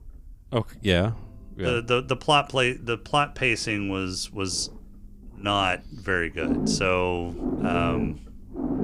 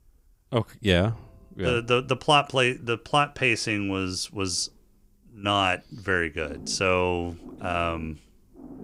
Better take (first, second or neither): second